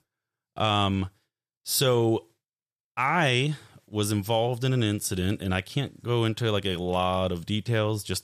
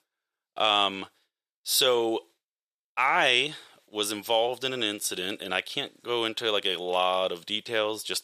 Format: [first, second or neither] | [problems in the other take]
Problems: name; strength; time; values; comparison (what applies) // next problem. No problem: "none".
first | thin; very; fading below 500 Hz